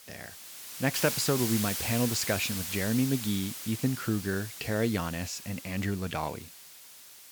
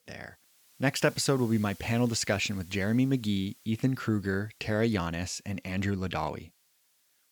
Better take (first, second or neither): second